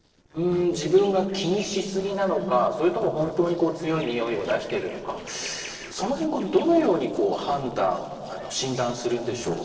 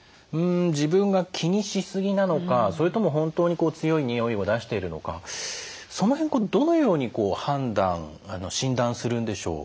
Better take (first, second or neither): second